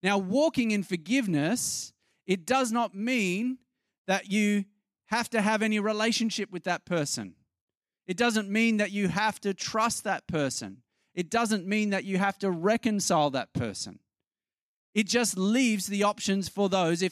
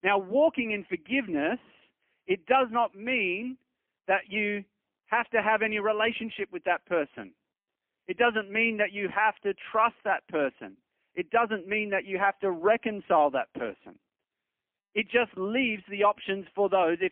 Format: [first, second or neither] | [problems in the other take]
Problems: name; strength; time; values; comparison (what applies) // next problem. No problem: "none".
first | phone-call audio; poor line; nothing above 3 kHz